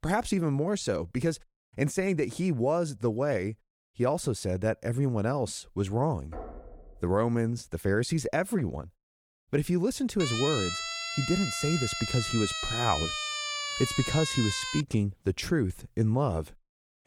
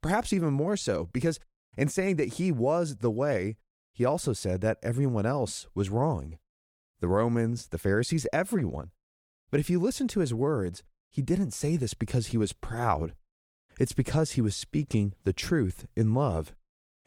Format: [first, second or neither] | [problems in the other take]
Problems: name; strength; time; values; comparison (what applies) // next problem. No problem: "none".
second | door banging; faint; at 6.5 s; peak 15 dB below the speech // siren; noticeable; from 10 to 15 s; peak 1 dB below the speech